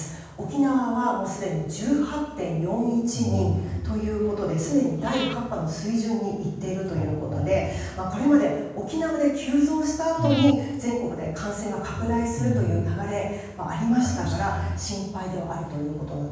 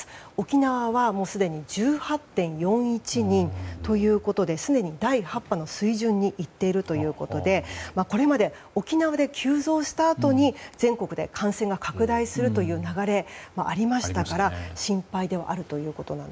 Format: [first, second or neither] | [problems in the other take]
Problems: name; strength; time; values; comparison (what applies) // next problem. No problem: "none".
second | background sound (Breathing); 16 dB below the speech // room echo; dies away in 1.2 s